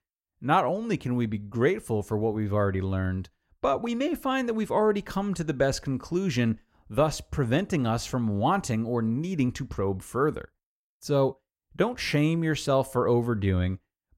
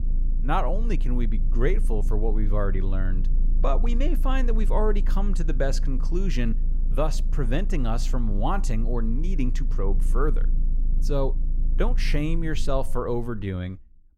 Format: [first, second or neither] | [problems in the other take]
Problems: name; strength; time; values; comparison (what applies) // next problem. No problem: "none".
first | low rumble; noticeable; throughout; 15 dB below the speech